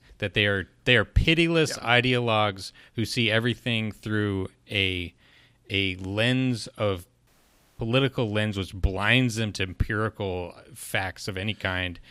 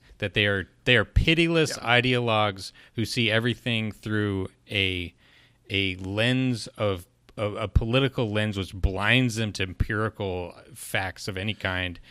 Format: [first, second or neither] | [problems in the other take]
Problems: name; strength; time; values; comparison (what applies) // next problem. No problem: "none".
second | audio cutting out; at 7.5 s for 0.5 s